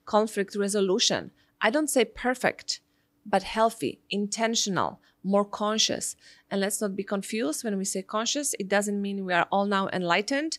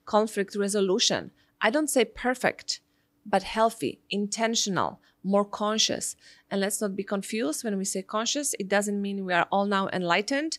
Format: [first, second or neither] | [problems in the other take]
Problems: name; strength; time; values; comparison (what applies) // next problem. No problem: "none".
neither | none